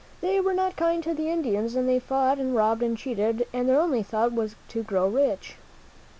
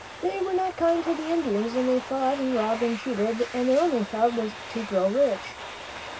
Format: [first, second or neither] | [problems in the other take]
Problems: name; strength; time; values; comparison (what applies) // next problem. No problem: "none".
first | background sound (Domestic sounds, home sounds); 13 dB below the speech // room echo; dies away in 0.4 s